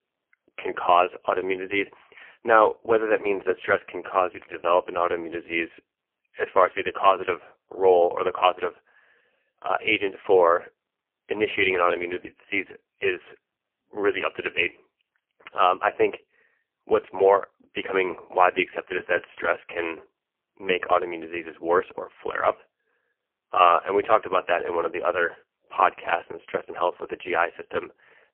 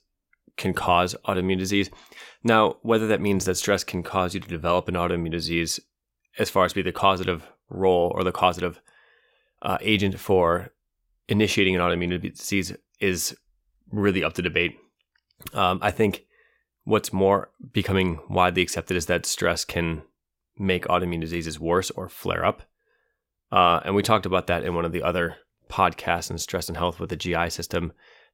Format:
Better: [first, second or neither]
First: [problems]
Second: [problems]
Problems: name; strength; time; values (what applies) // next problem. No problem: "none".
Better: second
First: phone-call audio; poor line; nothing above 3 kHz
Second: none